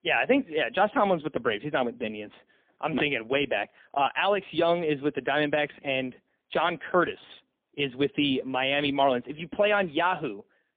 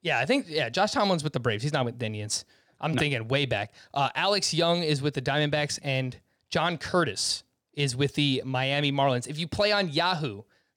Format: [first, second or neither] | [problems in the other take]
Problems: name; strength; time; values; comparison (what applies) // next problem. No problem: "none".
second | phone-call audio; poor line; nothing above 3.5 kHz